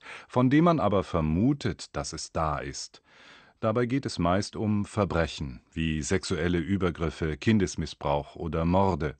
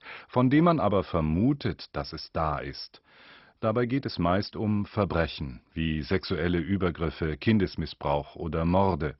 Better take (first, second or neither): first